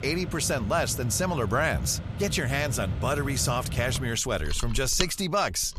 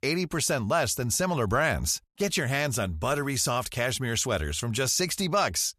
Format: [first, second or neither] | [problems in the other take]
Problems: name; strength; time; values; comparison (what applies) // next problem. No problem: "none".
second | machinery noise; loud; throughout; 8 dB below the speech